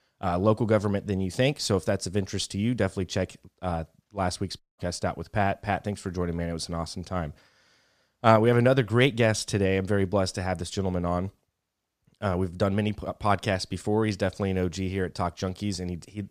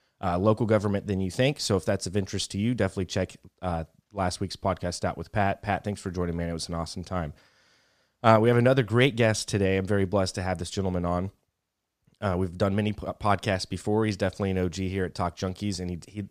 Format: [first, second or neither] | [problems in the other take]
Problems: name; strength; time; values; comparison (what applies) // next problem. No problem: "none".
second | audio cutting out; at 4.5 s